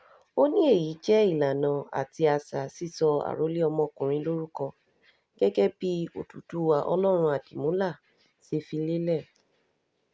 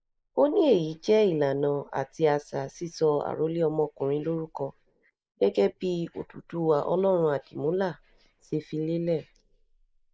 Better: first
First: none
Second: noise reduction (neural mask model Resemble Enhance denoiser)

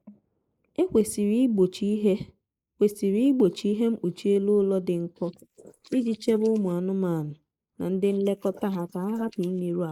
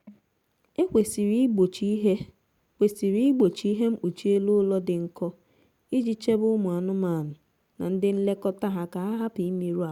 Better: second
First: noise reduction (neural mask model Resemble Enhance denoiser)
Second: none

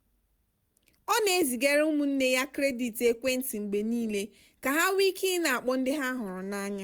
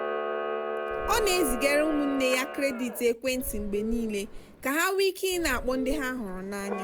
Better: first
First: none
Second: background sound (Subway, metro, underground / Doorbell + Camera); 6 dB below the speech

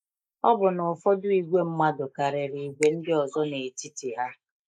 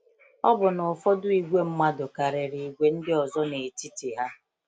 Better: second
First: noise reduction (neural mask model Resemble Enhance denoiser)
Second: none

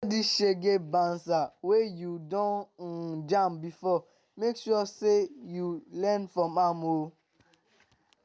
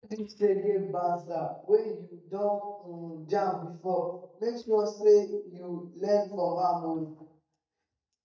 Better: first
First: none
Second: noise reduction (neural mask model DeepFilterNet 3)

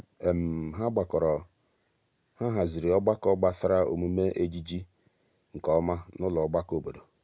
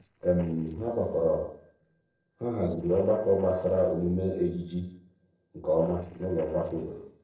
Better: first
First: none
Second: noise reduction (neural separator model SepFormer DNS4)

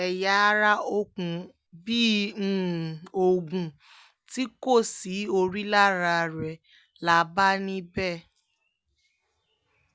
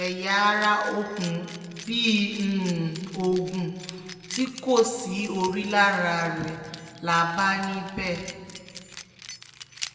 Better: first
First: none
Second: background sound (Keys jangling); 16 dB below the speech // room echo; dies away in 1.9 s

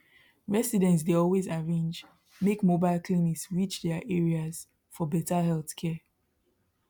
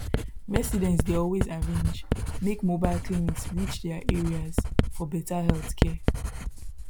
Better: first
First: none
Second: background sound (Writing); 2 dB above the speech

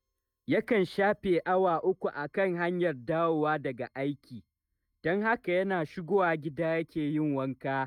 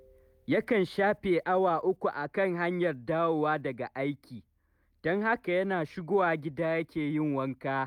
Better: second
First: noise reduction (neural mask model DeepFilterNet 3)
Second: none

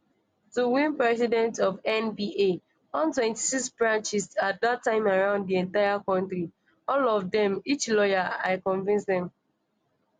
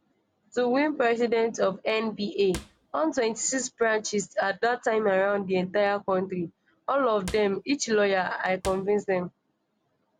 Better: first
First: none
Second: background sound (Cupboard open or close / Drawer open or close); 17 dB below the speech

